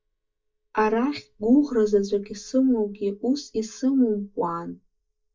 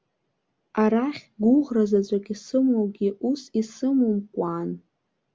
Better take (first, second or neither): second